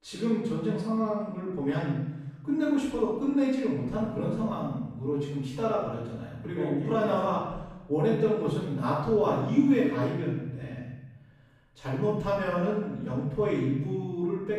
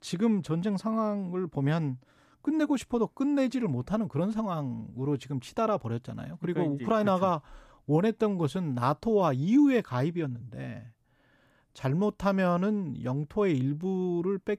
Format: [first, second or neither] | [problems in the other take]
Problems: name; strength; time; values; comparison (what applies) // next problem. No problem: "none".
second | off-mic speech; far // room echo; strong; dies away in 0.9 s